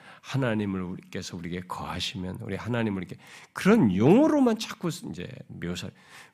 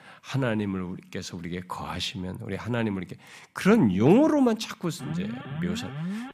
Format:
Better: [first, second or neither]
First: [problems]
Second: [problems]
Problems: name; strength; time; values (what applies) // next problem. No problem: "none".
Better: first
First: none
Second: alarm; noticeable; from 5 s on; peak 7 dB below the speech